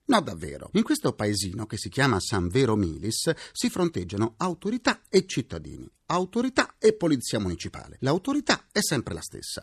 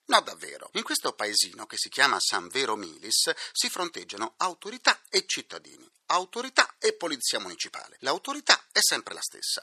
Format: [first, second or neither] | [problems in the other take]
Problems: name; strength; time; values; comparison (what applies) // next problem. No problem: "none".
first | thin; very; fading below 800 Hz